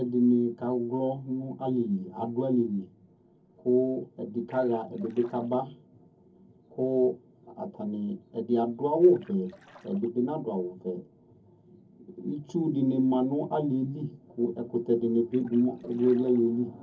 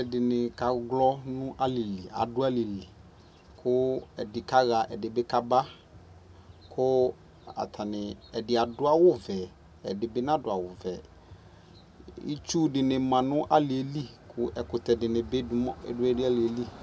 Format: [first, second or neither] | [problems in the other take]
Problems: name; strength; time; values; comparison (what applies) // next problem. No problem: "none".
second | noise reduction (neural separator model SepFormer DNS4)